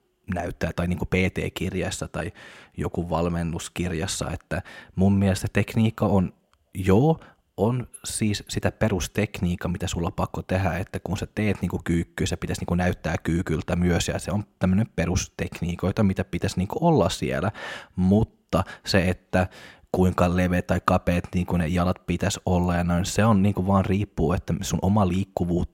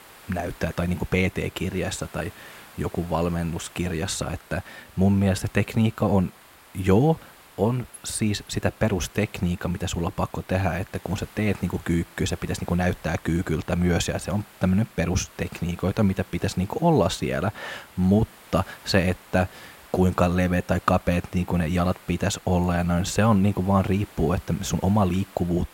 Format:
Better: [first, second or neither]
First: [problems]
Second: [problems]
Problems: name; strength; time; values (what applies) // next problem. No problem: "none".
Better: first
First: none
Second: hiss; faint; throughout; 25 dB below the speech